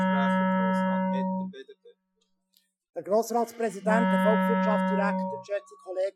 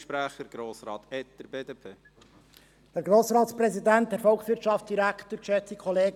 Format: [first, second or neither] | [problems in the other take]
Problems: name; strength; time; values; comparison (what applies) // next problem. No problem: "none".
second | noise reduction (classical method Wiener filter)